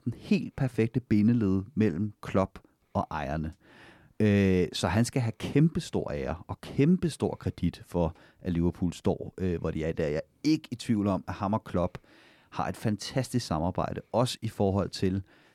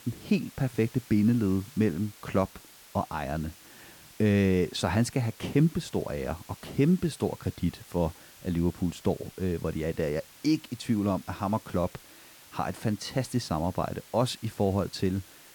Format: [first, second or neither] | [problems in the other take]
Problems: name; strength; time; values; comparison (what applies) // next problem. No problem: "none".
first | hiss; faint; throughout; 20 dB below the speech